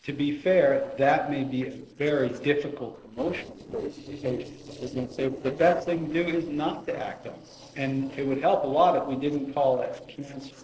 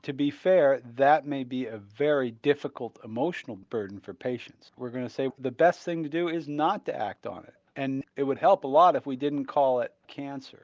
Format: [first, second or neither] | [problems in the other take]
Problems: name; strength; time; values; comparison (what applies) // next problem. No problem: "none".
second | noise reduction (neural separator model SepFormer DNS4)